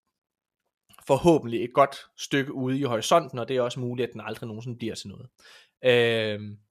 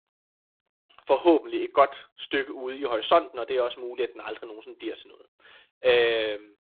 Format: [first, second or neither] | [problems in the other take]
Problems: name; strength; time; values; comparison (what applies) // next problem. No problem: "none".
first | phone-call audio; poor line